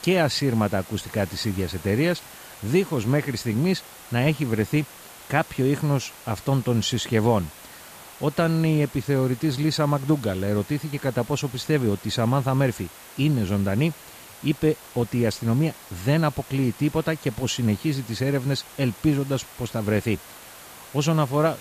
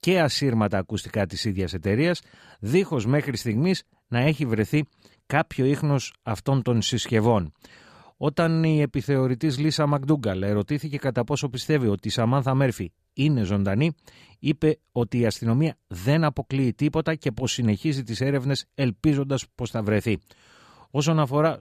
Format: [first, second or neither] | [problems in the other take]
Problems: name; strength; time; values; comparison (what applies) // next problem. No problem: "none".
second | hiss; noticeable; throughout; 20 dB below the speech